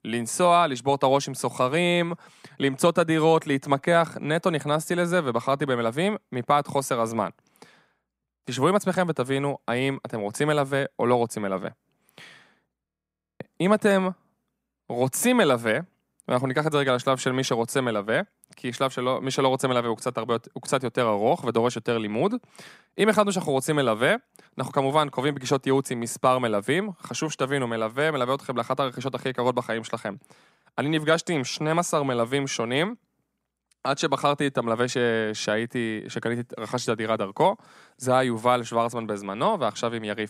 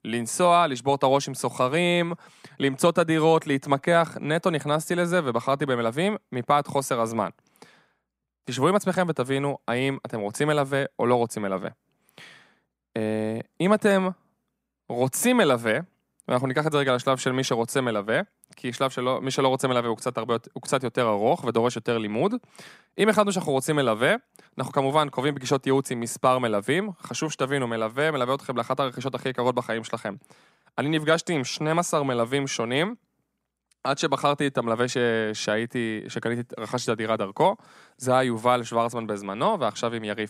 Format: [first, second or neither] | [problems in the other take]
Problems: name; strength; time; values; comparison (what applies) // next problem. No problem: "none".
second | audio freezing; at 13 s for 0.5 s